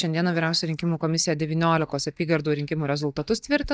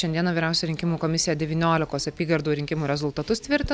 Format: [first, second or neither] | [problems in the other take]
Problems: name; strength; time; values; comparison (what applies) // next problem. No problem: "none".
second | noise reduction (neural mask model DeepFilterNet 3)